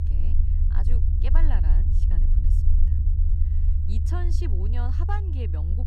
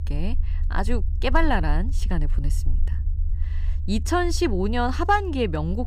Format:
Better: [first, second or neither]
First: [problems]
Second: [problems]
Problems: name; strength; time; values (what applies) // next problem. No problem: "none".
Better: second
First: low rumble; loud; throughout; 3 dB below the speech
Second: low rumble; faint; throughout; 25 dB below the speech